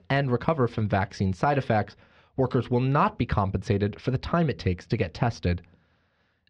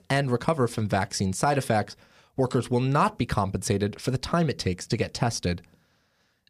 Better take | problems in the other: second | muffled; slightly; fading above 3.5 kHz

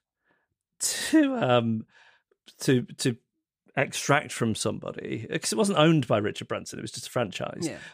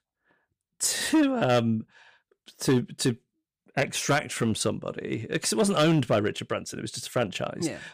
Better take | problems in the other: first | distortion; slight; 4% of the sound clipped

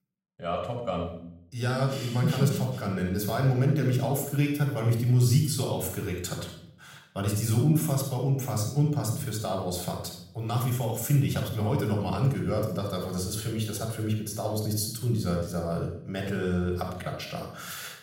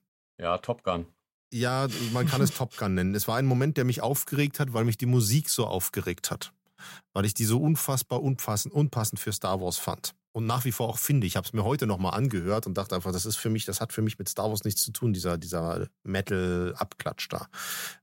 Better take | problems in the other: second | off-mic speech; somewhat distant // room echo; noticeable; dies away in 0.7 s

